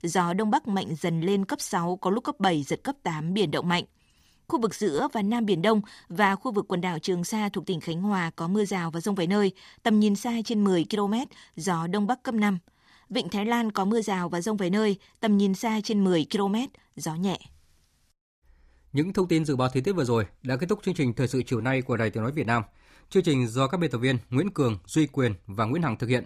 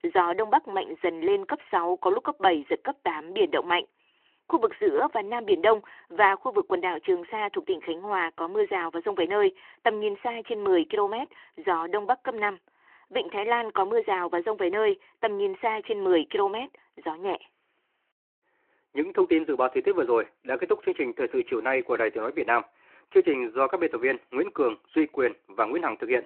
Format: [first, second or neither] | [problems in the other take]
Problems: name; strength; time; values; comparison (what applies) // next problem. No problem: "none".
first | phone-call audio